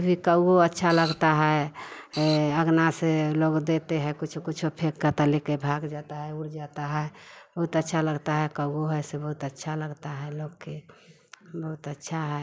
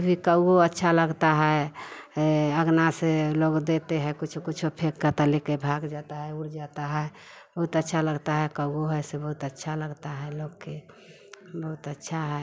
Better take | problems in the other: second | noise reduction (neural mask model Resemble Enhance denoiser)

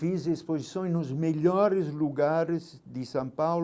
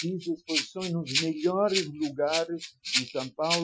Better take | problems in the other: first | noise reduction (classical method Wiener filter)

